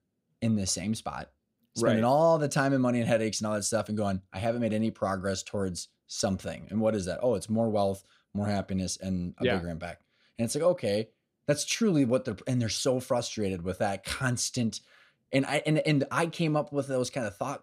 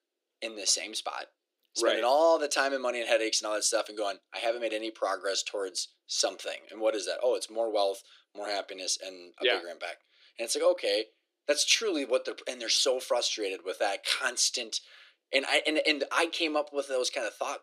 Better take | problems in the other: first | thin; very; fading below 300 Hz

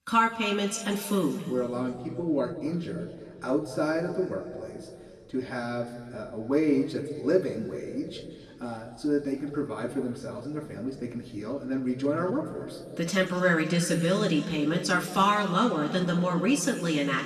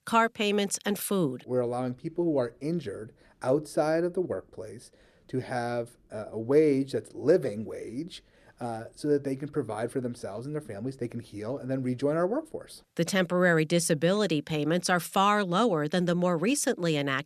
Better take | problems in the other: second | room echo; noticeable; dies away in 2.3 s // off-mic speech; somewhat distant

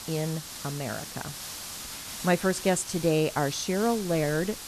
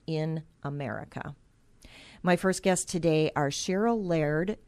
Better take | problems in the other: second | hiss; loud; throughout; 9 dB below the speech

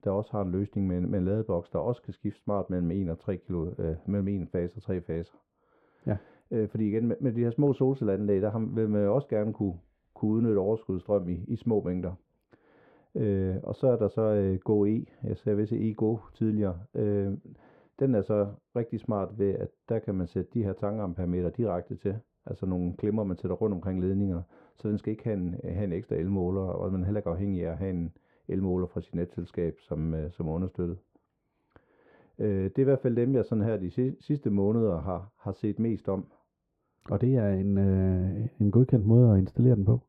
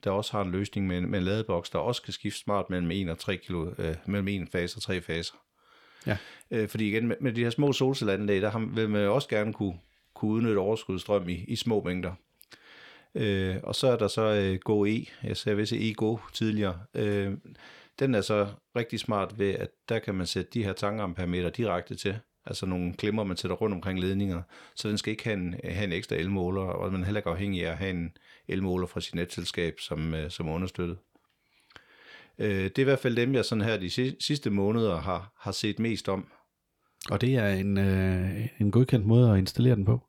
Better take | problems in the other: second | muffled; very; fading above 2 kHz

